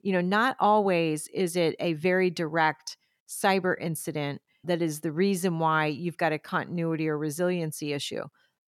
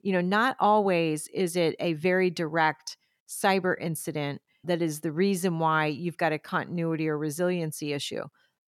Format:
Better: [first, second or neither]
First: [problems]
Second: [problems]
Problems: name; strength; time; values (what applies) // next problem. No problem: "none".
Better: neither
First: none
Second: none